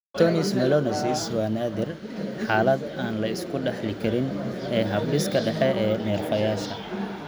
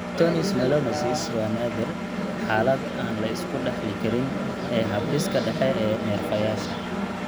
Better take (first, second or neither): first